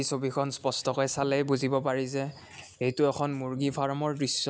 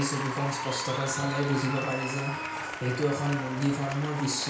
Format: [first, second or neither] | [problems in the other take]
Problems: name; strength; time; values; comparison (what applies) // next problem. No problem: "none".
first | background sound (Applause); 5 dB below the speech // room echo; dies away in 0.5 s